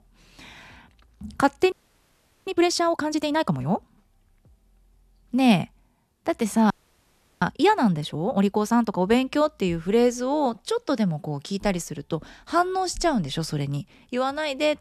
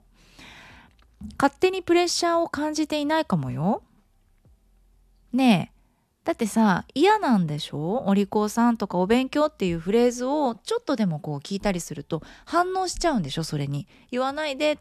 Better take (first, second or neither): second